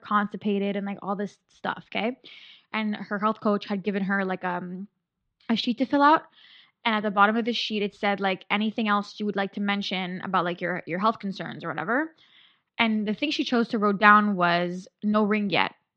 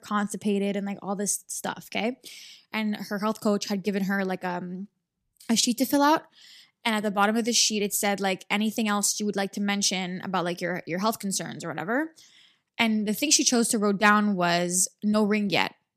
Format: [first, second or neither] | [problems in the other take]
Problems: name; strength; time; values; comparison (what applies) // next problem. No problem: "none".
second | muffled; very; fading above 4 kHz